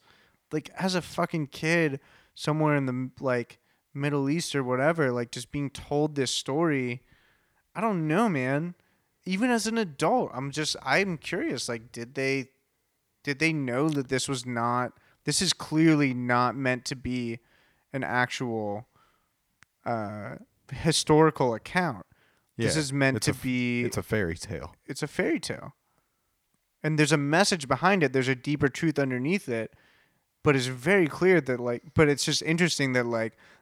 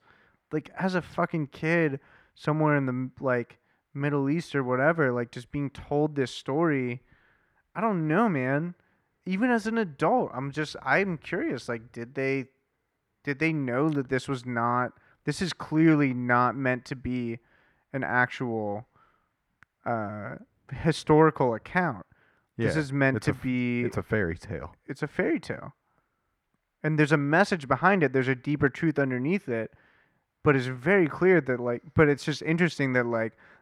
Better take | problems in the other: first | muffled; slightly; fading above 3 kHz

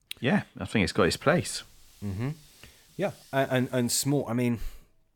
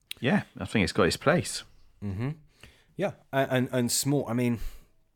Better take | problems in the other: second | hiss; faint; from 1 to 4 s; 25 dB below the speech

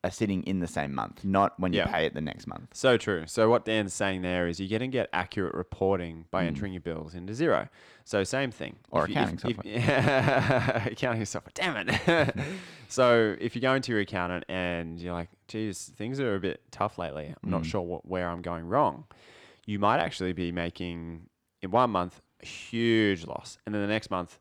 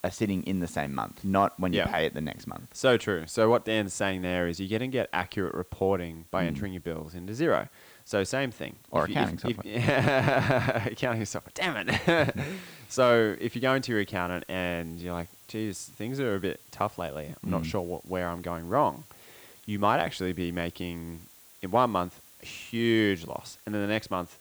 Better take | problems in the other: first | hiss; faint; throughout; 25 dB below the speech

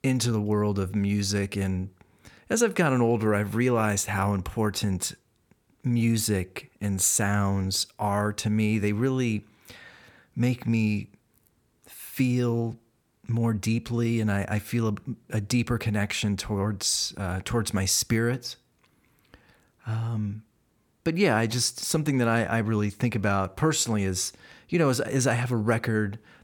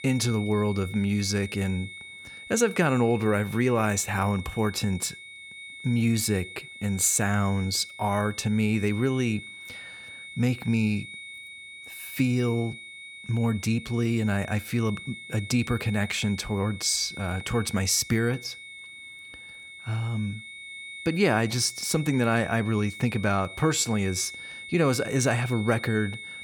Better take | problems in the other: first | high-pitched whine; noticeable; throughout; 2 kHz, 15 dB below the speech

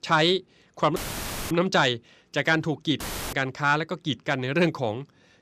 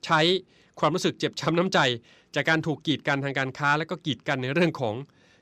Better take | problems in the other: second | audio cutting out; filled with static; at 1 s for 0.5 s and at 3 s

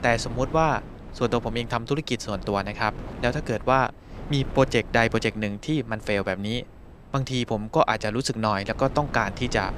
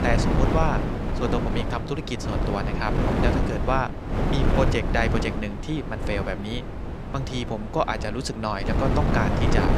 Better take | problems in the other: first | wind noise on the microphone; heavy; 3 dB below the speech; occasional gusts in the first

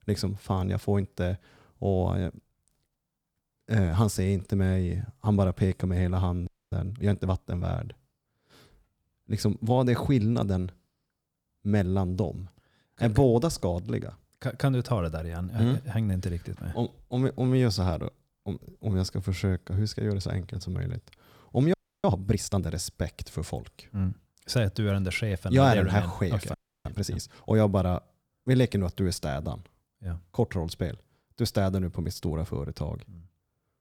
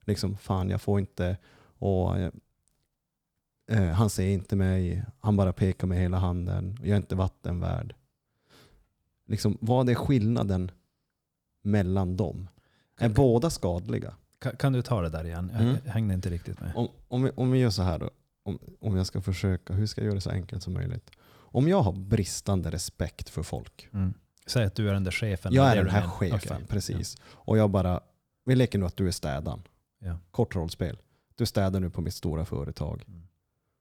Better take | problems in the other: second | audio freezing; at 6.5 s, at 22 s and at 27 s

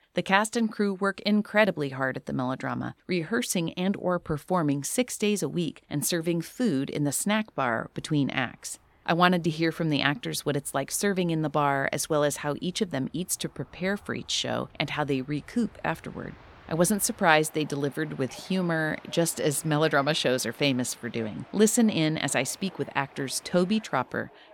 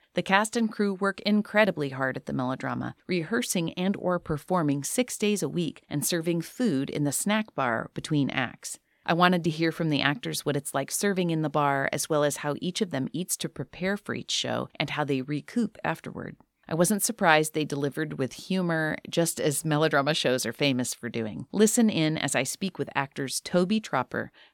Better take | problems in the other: second | train or aircraft noise; faint; throughout; 25 dB below the speech

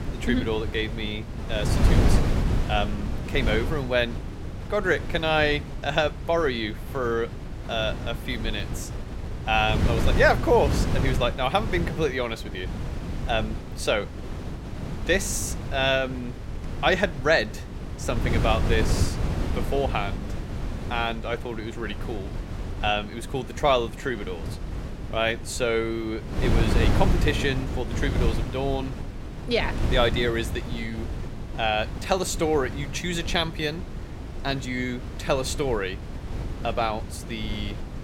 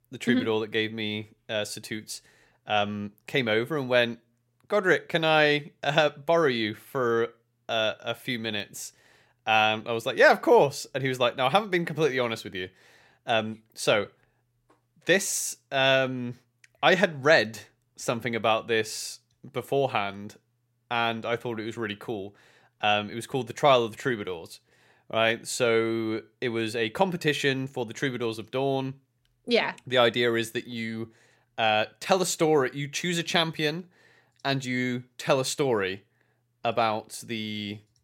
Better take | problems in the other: second | wind noise on the microphone; occasional gusts; 10 dB below the speech

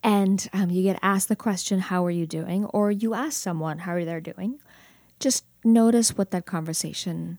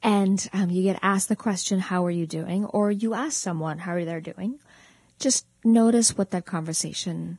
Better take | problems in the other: first | garbled, watery; badly; nothing above 10.5 kHz

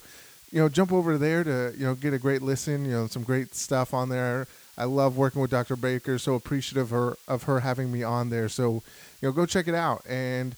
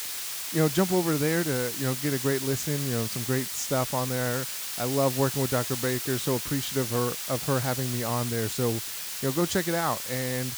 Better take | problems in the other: first | hiss; loud; throughout; 3 dB below the speech; faint in the first

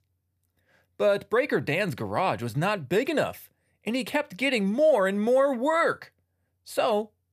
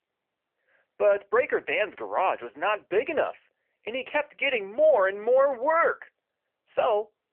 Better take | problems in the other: first | phone-call audio; poor line; nothing above 3 kHz

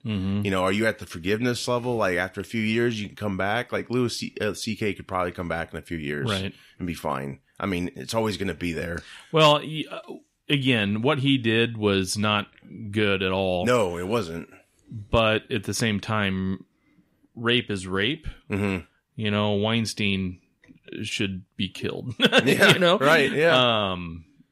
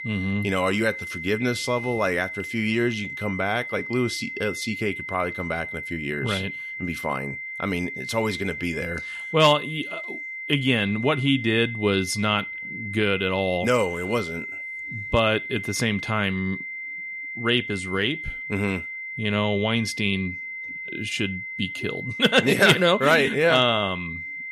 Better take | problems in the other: first | high-pitched whine; loud; throughout; 2 kHz, 8 dB below the speech

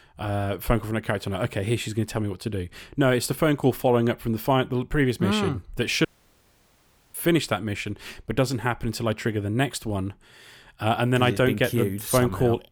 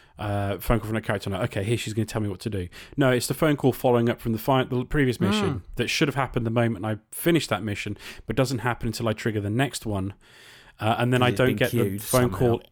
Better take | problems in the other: second | audio cutting out; at 6 s for 1 s

